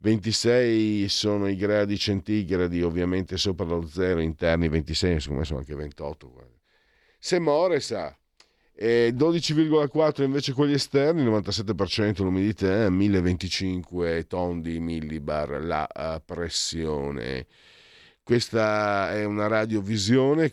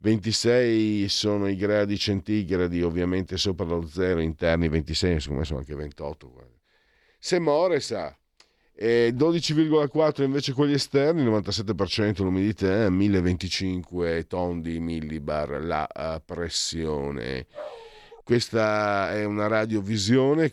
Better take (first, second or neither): first